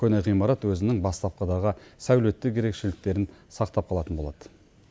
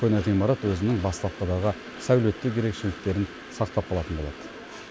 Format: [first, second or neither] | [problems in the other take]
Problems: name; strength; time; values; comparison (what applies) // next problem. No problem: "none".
first | background sound (Train); 14 dB below the speech